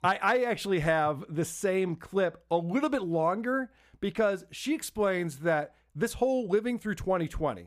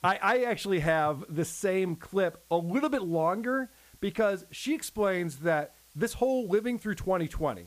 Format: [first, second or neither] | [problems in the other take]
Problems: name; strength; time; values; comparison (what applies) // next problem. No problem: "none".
first | hiss; faint; throughout; 30 dB below the speech